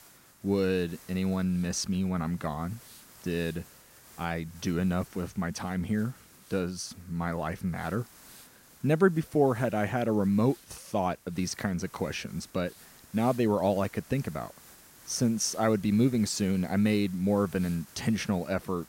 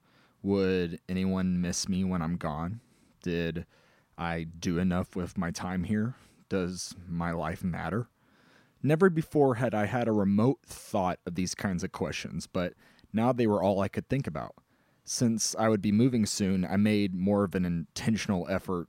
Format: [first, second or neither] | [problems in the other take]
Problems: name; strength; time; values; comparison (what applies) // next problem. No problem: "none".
second | hiss; faint; throughout; 20 dB below the speech